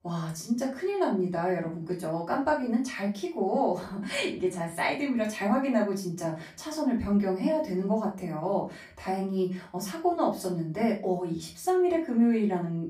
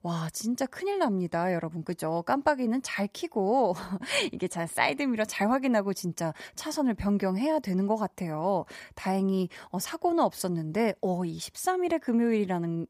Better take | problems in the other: second | off-mic speech; far // room echo; slight; dies away in 0.3 s

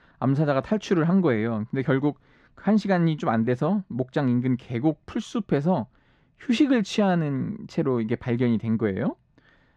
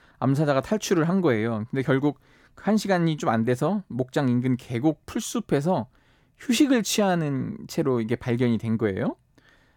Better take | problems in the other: second | muffled; slightly; fading above 3.5 kHz

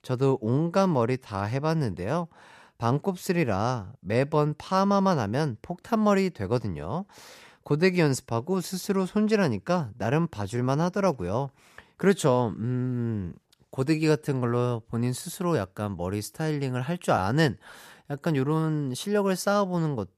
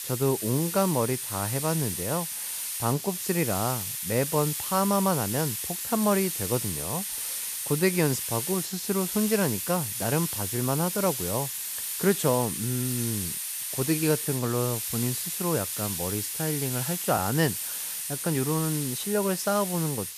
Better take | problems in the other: first | hiss; loud; throughout; 2 dB below the speech

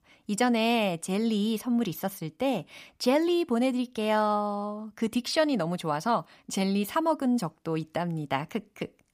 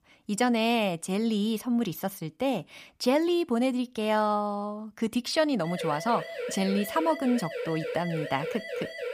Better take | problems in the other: first | siren; noticeable; from 5.5 s on; peak 6 dB below the speech

